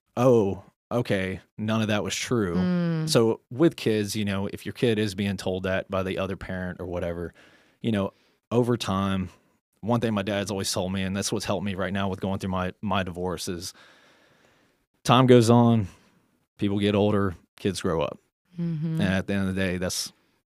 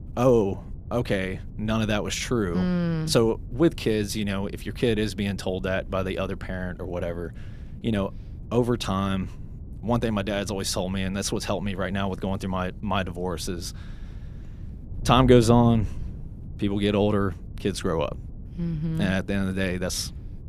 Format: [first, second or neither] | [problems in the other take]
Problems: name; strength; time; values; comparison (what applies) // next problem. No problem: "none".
first | wind noise on the microphone; occasional gusts; 25 dB below the speech